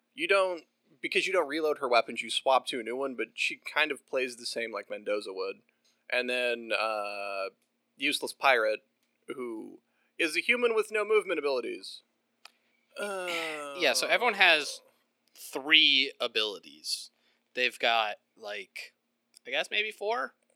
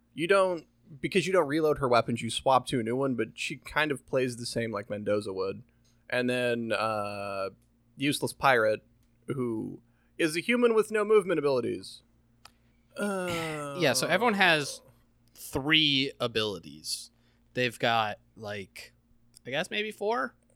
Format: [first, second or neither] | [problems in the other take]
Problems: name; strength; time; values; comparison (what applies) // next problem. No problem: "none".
second | thin; somewhat; fading below 300 Hz